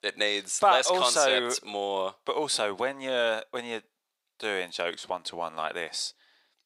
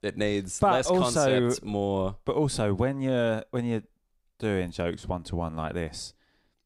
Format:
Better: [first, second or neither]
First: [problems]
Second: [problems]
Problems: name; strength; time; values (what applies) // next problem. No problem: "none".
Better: second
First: thin; very; fading below 650 Hz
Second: none